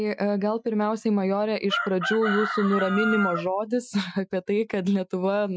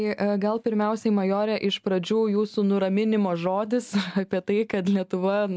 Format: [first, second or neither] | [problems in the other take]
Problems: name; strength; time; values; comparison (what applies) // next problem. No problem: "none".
second | noise reduction (classical method Wiener filter)